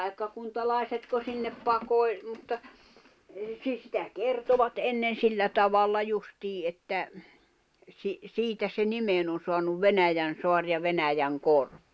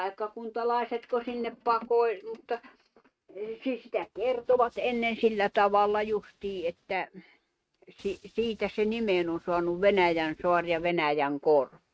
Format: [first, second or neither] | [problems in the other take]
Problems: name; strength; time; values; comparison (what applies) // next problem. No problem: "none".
first | noise reduction (neural mask model RNNoise)